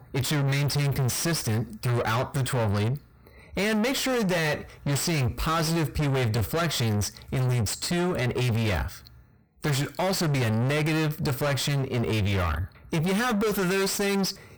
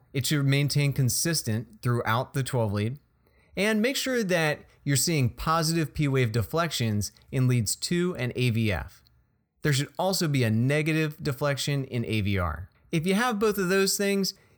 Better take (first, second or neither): second